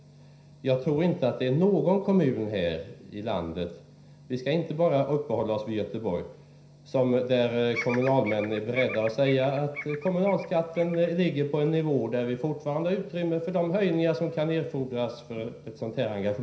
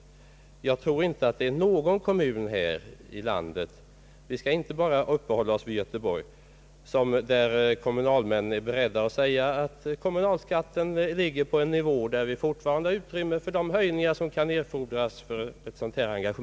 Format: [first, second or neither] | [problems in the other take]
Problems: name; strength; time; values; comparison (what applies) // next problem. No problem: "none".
second | background sound (Bird vocalization, bird call, bird song); 12 dB below the speech // room echo; dies away in 0.5 s